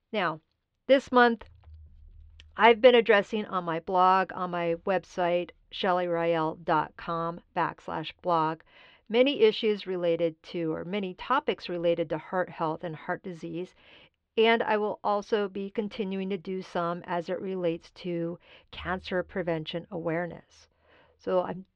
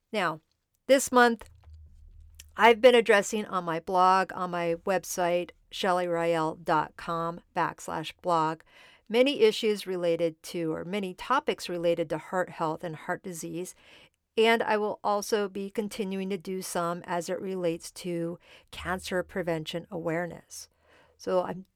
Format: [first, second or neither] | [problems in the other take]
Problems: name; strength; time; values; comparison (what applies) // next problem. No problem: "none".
second | muffled; slightly; fading above 3.5 kHz